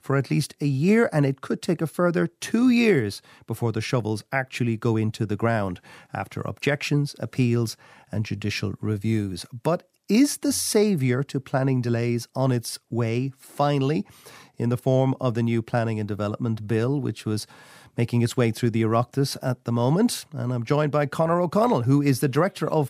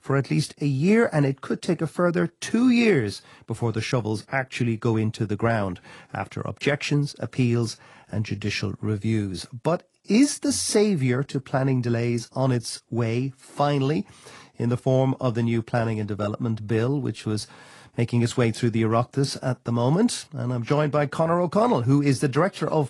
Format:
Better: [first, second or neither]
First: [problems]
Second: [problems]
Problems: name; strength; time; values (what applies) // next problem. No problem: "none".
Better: first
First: none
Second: garbled, watery; slightly; nothing above 10.5 kHz